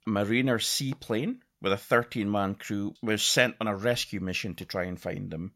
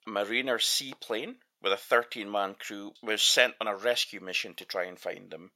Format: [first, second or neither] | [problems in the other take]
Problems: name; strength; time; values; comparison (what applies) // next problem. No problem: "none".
first | thin; somewhat; fading below 550 Hz